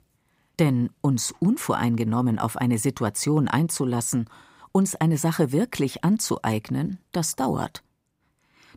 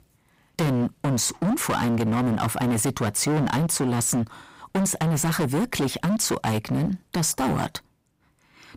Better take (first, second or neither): first